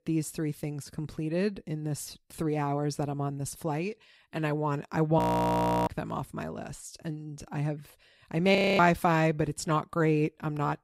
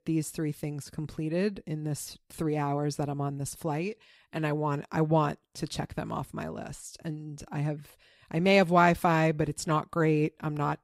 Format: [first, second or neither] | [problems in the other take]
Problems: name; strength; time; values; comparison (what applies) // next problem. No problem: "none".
second | audio freezing; at 5 s for 0.5 s and at 8.5 s